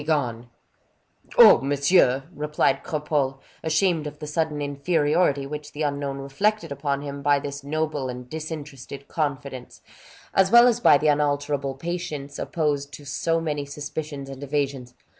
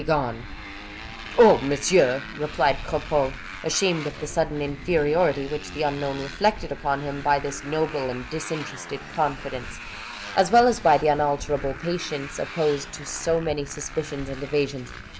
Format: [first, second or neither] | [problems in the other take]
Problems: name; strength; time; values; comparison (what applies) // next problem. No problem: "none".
first | background sound (Motorcycle); 12 dB below the speech